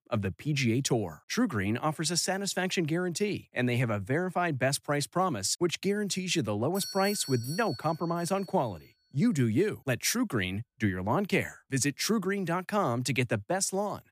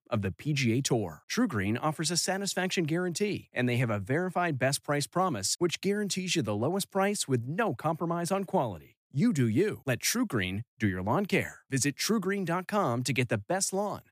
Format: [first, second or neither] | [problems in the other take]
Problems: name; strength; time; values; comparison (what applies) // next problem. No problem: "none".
second | doorbell; noticeable; from 6.5 to 8.5 s; peak 7 dB below the speech